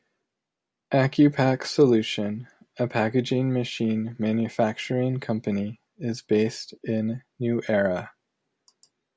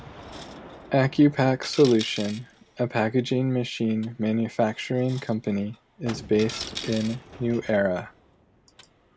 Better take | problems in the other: first | background sound (Gunshot, gunfire + Coin (dropping)); 17 dB below the speech

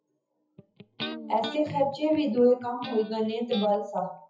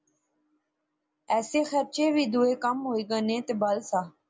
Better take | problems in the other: second | noise reduction (classical method WPE with log-MMSE)

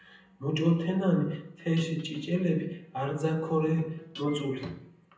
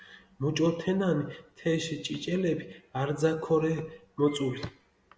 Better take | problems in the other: second | background sound (Guitar); 19 dB below the speech // room echo; dies away in 0.6 s

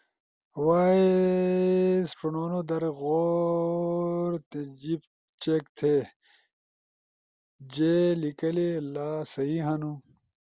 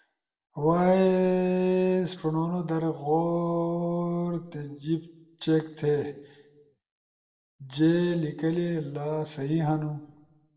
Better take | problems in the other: first | room echo; dies away in 0.7 s

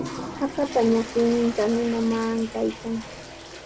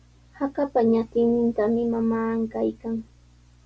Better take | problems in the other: second | background sound (Toilet flush); 12 dB below the speech

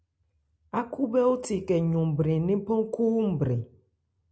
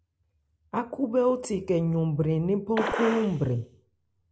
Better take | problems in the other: first | background sound (Gunshot, gunfire); 7 dB below the speech

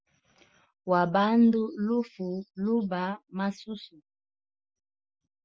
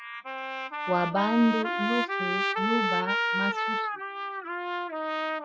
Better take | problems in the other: first | noise reduction (classical method Wiener filter)

